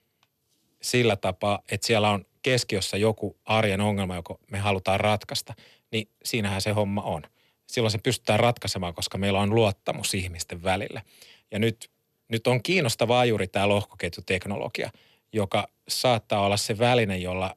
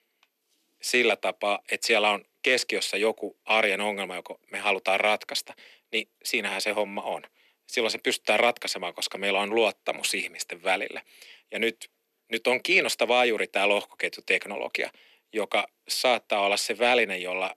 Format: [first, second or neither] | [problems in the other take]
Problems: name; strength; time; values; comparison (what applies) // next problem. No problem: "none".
first | thin; somewhat; fading below 250 Hz